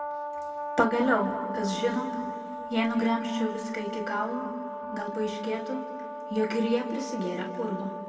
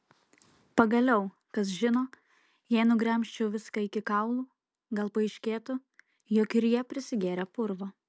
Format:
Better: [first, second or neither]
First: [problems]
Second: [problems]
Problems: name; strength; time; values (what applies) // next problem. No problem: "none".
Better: second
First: background sound (Brass instrument); 6 dB below the speech // room echo; dies away in 2 s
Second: none